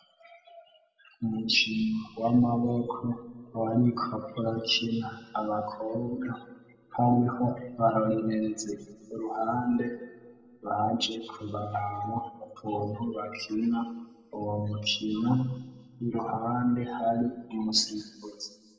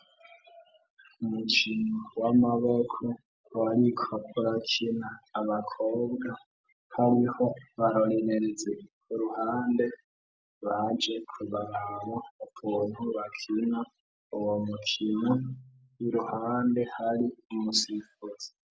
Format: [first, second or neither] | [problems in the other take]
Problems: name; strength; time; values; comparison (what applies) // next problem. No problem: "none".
second | room echo; dies away in 1.4 s